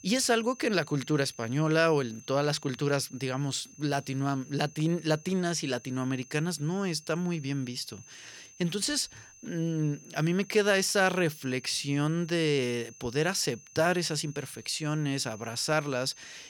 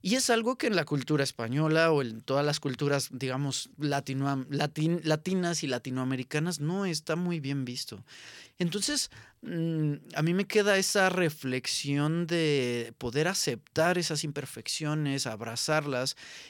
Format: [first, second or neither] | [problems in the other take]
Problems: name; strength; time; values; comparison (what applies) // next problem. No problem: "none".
second | high-pitched whine; faint; throughout; 6.5 kHz, 20 dB below the speech